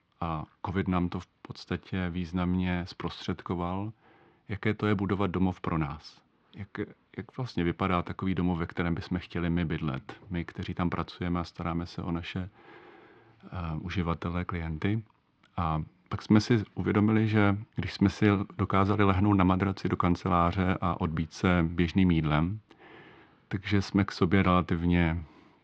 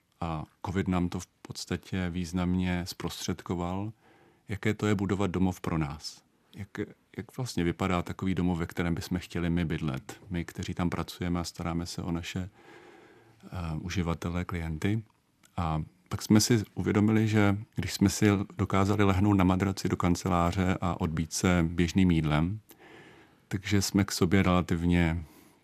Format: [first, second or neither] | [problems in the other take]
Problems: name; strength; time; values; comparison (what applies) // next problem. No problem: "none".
second | muffled; slightly; fading above 4 kHz